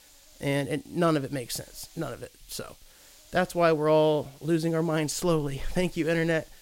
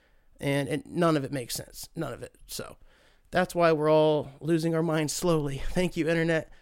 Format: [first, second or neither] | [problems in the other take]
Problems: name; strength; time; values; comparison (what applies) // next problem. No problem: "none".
second | hiss; faint; throughout; 25 dB below the speech